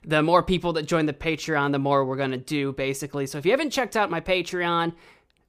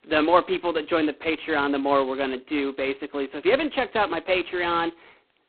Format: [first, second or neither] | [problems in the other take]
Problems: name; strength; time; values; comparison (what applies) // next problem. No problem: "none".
first | phone-call audio; poor line; nothing above 4 kHz